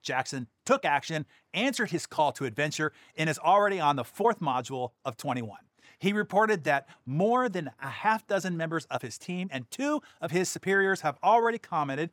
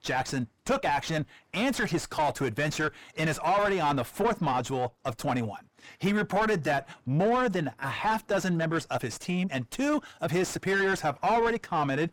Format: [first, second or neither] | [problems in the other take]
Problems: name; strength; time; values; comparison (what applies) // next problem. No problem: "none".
first | distortion; heavy; 6 dB below the speech